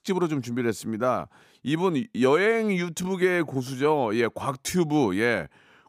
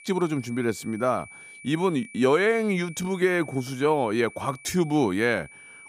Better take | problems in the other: first | high-pitched whine; noticeable; throughout; 2.5 kHz, 20 dB below the speech

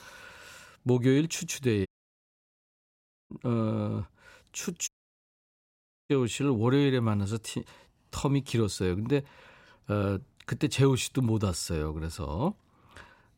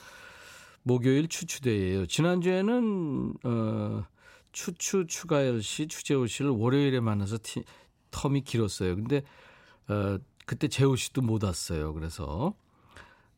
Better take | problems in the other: second | audio cutting out; at 2 s for 1.5 s and at 5 s for 1 s

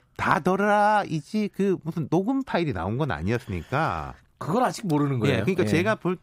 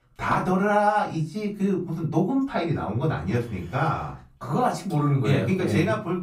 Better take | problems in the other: first | off-mic speech; far // room echo; slight; dies away in 0.3 s

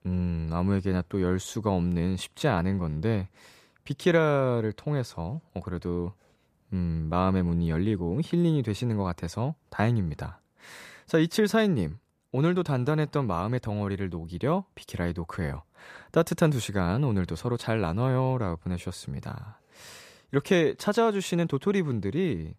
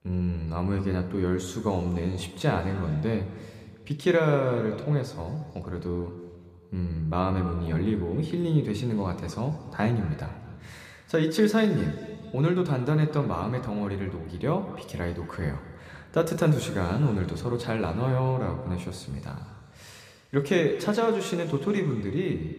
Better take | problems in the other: first | room echo; slight; dies away in 2.1 s

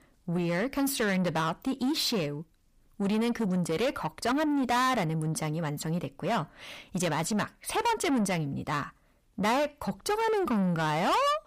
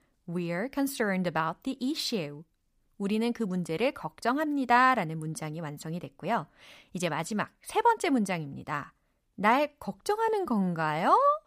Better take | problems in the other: second | distortion; heavy; 6 dB below the speech

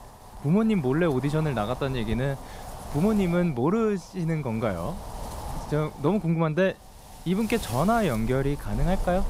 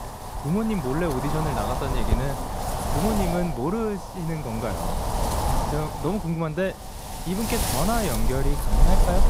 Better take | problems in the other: first | wind noise on the microphone; heavy; as loud as the speech; occasional gusts in the first

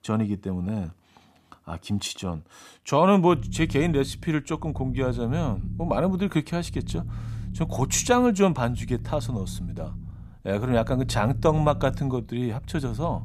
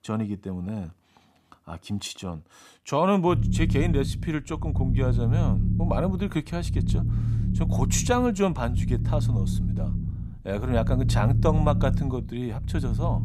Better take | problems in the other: first | low rumble; loud; from 3.5 s on; 9 dB below the speech; faint in the first

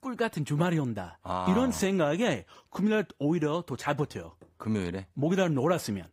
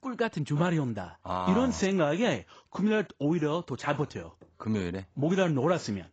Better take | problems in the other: first | garbled, watery; badly; nothing above 7.5 kHz; slightly in the first

